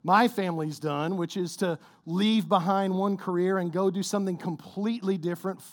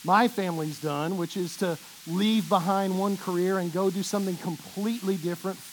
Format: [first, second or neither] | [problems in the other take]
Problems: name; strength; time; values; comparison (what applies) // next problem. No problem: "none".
first | hiss; noticeable; throughout; 15 dB below the speech